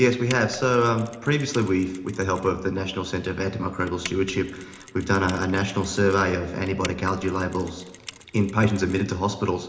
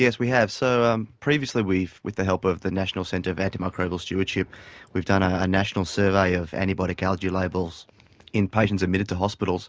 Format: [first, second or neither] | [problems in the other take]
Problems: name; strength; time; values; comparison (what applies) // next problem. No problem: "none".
second | background sound (Mechanisms); 19 dB below the speech // room echo; dies away in 0.8 s